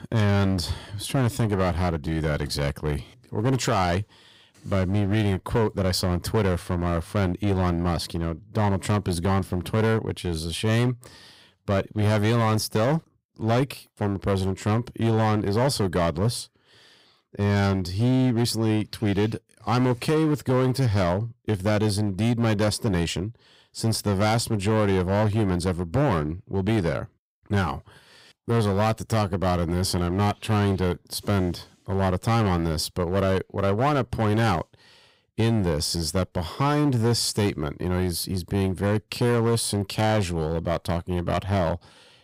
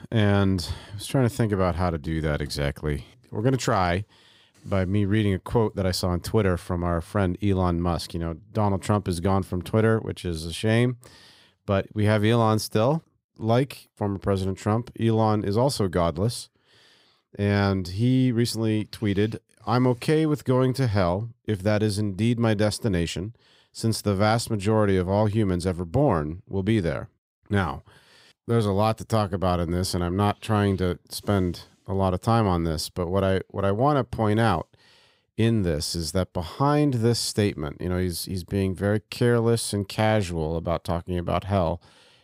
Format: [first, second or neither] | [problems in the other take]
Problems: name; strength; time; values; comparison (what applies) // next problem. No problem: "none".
second | distortion; slight; 11% of the sound clipped